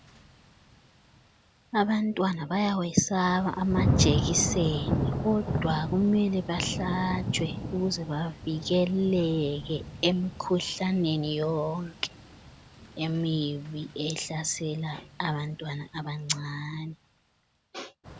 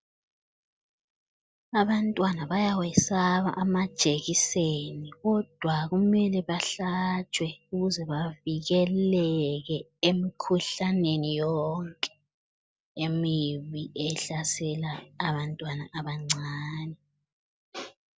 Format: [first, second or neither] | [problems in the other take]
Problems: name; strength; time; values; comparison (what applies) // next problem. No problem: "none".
second | background sound (Thunder / Rain); 6 dB below the speech